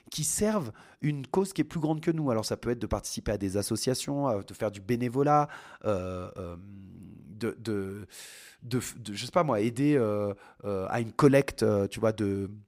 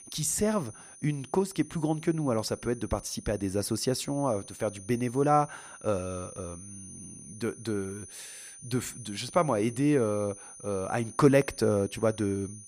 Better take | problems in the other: first | high-pitched whine; noticeable; throughout; 9.5 kHz, 15 dB below the speech

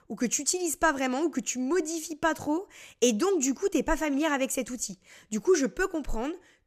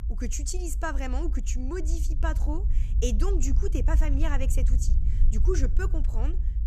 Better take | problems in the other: first | low rumble; noticeable; throughout; 15 dB below the speech

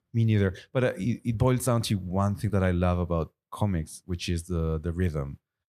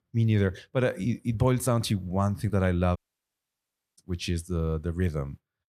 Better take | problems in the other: first | audio cutting out; at 3 s for 1 s

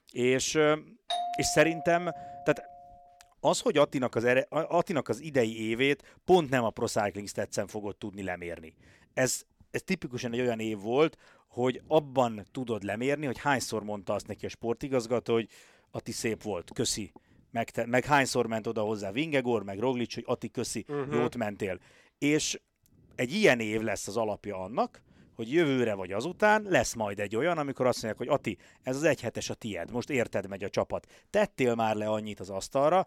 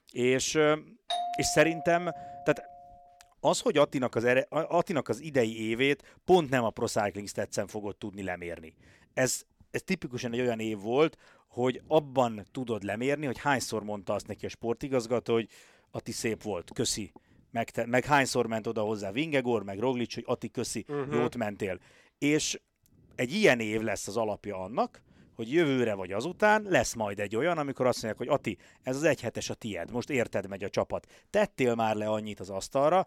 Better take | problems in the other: neither | doorbell; noticeable; from 1 to 2.5 s; peak 3 dB below the speech; the same in both

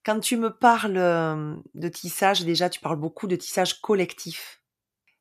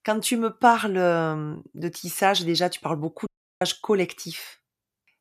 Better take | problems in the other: first | audio cutting out; at 3.5 s

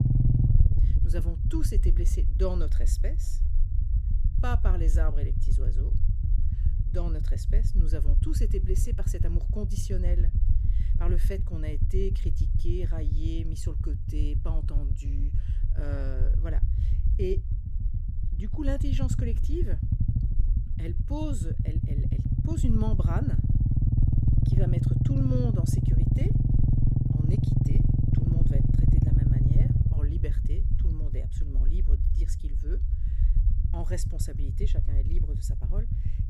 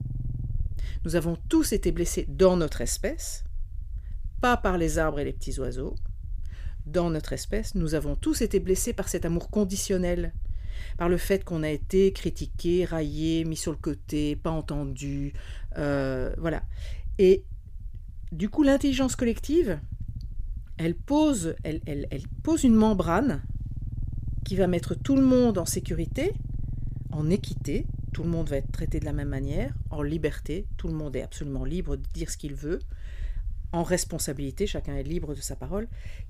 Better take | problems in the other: second | low rumble; loud; throughout; 1 dB below the speech; faint in the second

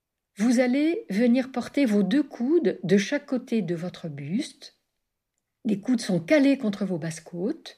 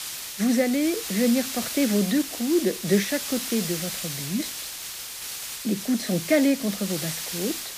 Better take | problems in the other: first | hiss; loud; throughout; 5 dB below the speech

